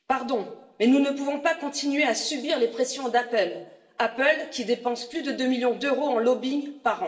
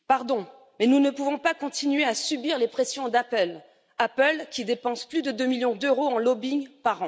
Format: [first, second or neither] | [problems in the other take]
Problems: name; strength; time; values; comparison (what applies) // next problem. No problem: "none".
second | room echo; dies away in 0.7 s